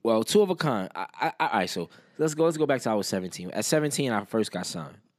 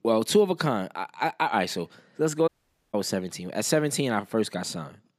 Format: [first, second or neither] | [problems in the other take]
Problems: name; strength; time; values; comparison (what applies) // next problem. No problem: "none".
first | audio cutting out; at 2.5 s